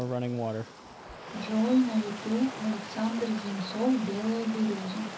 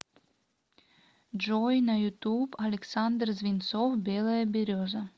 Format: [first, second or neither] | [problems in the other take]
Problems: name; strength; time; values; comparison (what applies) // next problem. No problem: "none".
second | background sound (Stream); 7 dB below the speech // room echo; dies away in 0.3 s